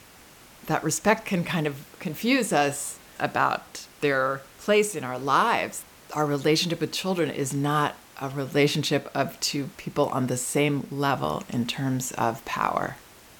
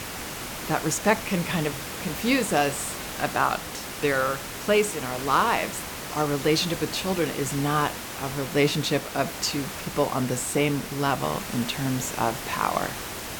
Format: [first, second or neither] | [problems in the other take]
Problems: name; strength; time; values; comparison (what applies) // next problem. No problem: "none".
first | hiss; loud; throughout; 7 dB below the speech; faint in the first